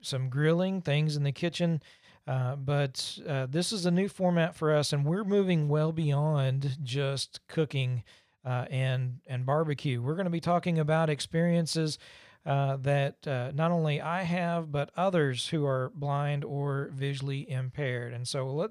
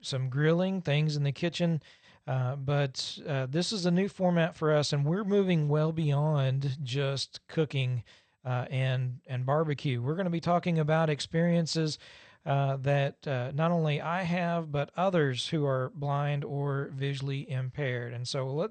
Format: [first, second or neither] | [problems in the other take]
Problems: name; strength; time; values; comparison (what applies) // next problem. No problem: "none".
first | garbled, watery; slightly; nothing above 8.5 kHz